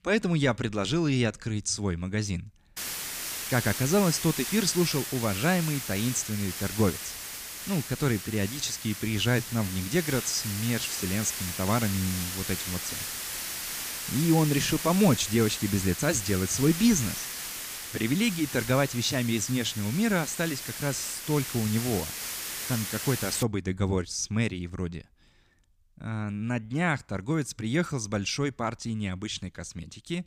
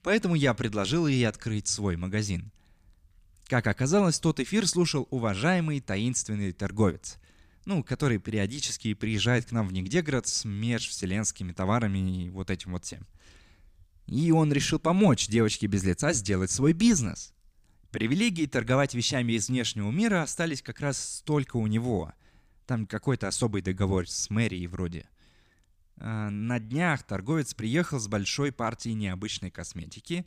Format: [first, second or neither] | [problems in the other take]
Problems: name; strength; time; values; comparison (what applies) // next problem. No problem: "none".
second | hiss; loud; from 3 to 23 s; 5 dB below the speech